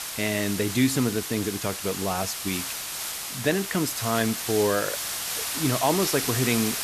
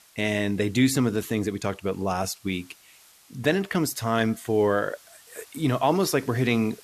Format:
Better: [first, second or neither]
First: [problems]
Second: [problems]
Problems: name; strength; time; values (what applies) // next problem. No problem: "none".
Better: second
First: hiss; loud; throughout; 3 dB below the speech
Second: hiss; faint; throughout; 25 dB below the speech